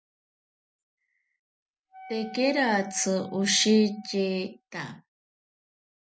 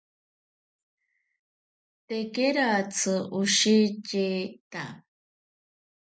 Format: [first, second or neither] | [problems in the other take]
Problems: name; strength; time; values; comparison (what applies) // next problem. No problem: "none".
second | background sound (Wind instrument, woodwind instrument); 17 dB below the speech